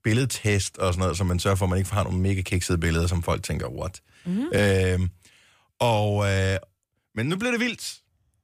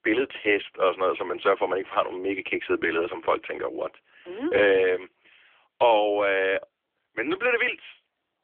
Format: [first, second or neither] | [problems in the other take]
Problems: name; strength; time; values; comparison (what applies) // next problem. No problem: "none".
first | phone-call audio; nothing above 3.5 kHz